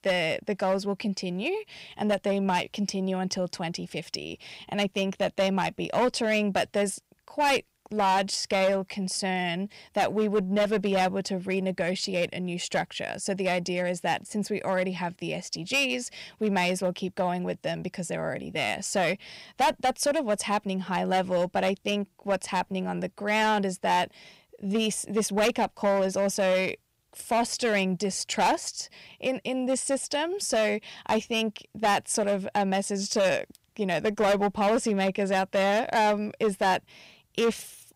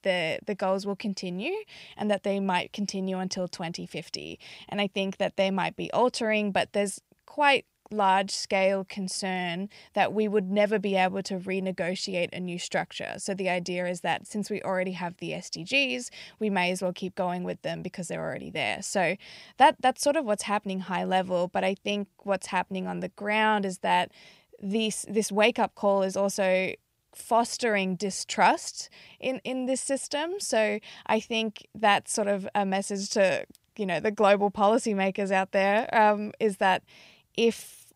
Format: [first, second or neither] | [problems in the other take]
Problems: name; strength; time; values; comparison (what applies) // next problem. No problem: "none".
second | distortion; slight; 6% of the sound clipped